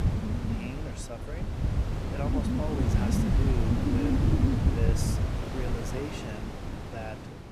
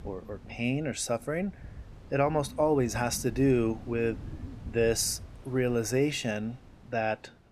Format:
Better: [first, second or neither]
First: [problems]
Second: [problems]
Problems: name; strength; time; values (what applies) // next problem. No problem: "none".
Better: second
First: wind noise on the microphone; heavy; 4 dB above the speech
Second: wind noise on the microphone; occasional gusts; 25 dB below the speech